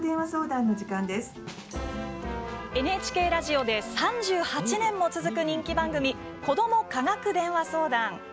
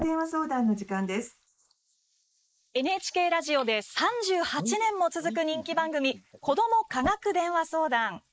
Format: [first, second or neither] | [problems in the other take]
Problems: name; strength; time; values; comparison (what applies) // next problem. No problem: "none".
first | noise reduction (neural mask model Resemble Enhance denoiser)